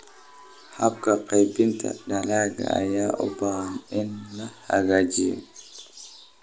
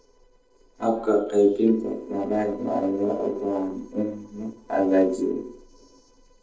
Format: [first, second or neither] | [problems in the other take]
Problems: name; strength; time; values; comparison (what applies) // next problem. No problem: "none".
first | noise reduction (neural separator model SepFormer DNS4)